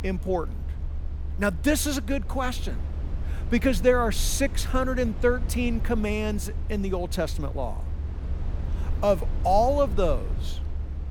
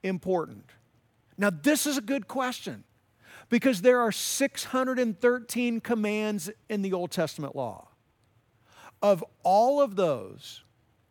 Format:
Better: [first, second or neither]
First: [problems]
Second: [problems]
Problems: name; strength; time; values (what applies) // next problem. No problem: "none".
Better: second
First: low rumble; noticeable; throughout; 20 dB below the speech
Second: none